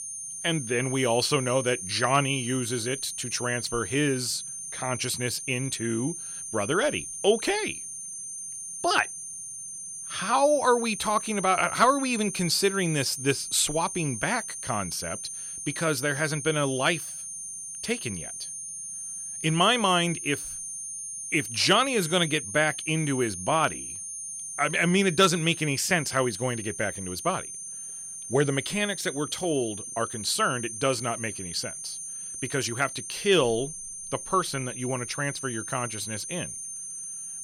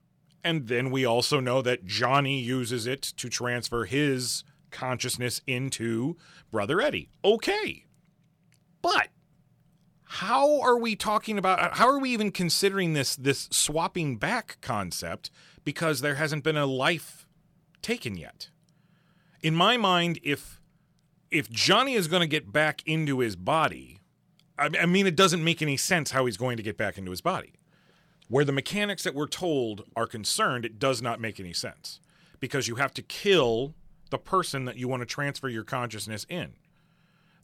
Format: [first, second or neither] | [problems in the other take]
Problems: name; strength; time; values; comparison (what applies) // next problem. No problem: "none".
second | high-pitched whine; loud; throughout; 9 kHz, 8 dB below the speech